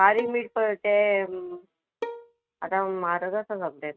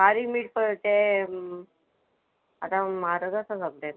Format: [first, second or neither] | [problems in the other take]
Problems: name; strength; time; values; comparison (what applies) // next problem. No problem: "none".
second | noise reduction (neural mask model RNNoise)